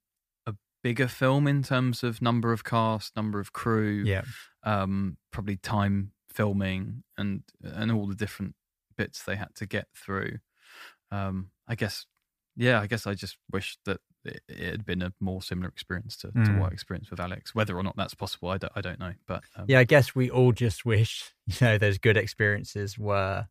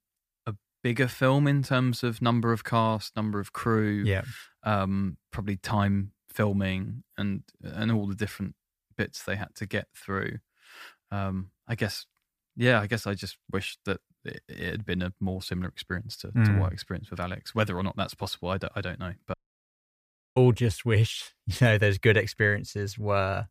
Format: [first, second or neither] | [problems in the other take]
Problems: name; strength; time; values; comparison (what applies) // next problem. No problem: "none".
first | audio cutting out; at 19 s for 1 s